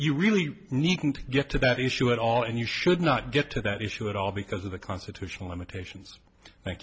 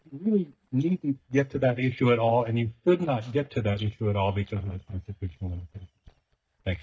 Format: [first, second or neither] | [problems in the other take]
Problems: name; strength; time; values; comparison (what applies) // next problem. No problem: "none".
first | noise reduction (neural mask model DeepFilterNet 3)